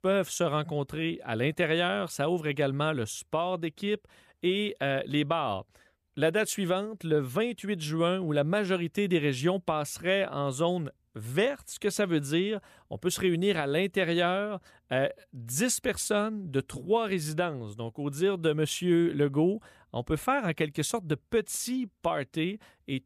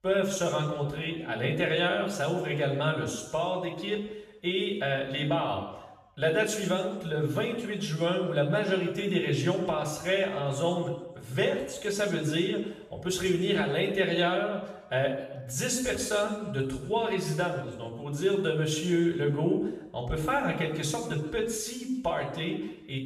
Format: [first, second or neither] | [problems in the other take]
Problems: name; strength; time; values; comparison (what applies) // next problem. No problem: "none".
first | room echo; noticeable; dies away in 0.9 s // off-mic speech; far